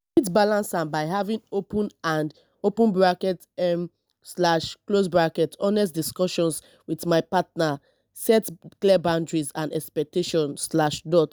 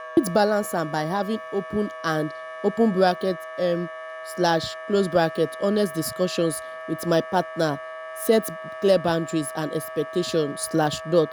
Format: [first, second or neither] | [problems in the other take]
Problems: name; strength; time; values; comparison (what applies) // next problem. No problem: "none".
first | background sound (Wind instrument, woodwind instrument); 12 dB below the speech